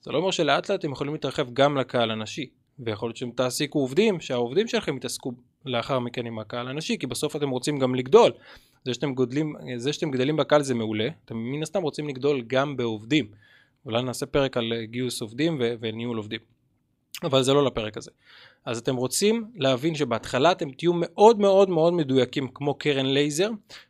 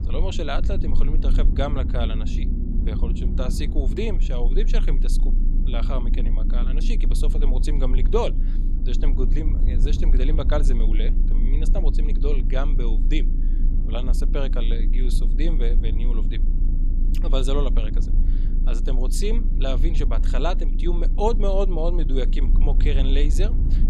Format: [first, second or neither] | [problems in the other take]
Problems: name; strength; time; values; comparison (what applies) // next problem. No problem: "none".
first | low rumble; loud; throughout; 9 dB below the speech